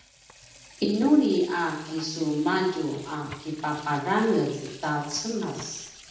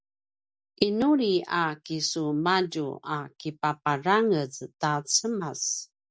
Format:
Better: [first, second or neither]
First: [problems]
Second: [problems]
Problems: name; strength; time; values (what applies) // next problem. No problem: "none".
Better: second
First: background sound (Sink (filling or washing) / Water tap, faucet); 20 dB below the speech // room echo; dies away in 0.8 s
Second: none